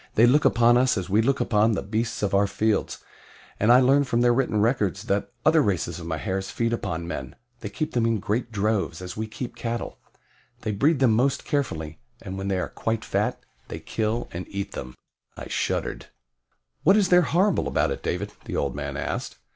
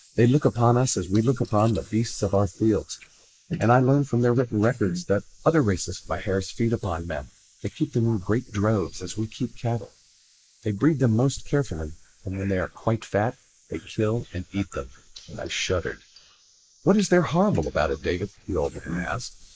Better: first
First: none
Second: noise reduction (neural mask model Resemble Enhance denoiser)

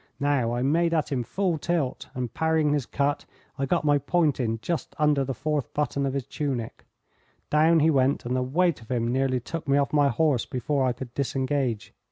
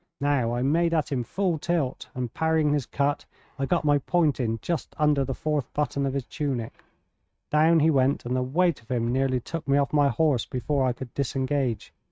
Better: first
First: none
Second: noise reduction (neural mask model RNNoise)

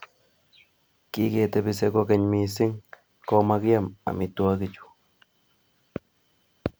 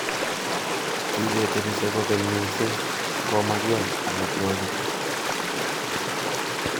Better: first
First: none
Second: background sound (Stream); 3 dB above the speech

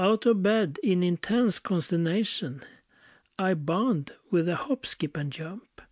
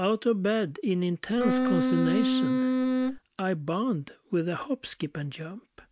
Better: first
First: none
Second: background sound (Wind instrument, woodwind instrument); 4 dB above the speech

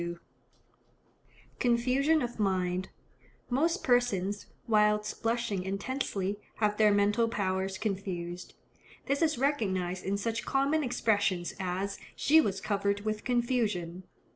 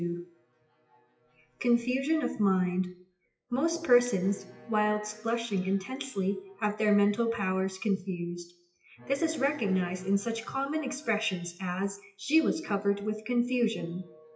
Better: first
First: none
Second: noise reduction (classical method WPE with log-MMSE)

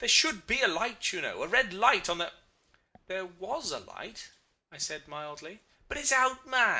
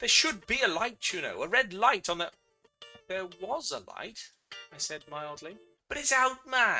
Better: first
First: none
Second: noise reduction (neural mask model RNNoise)

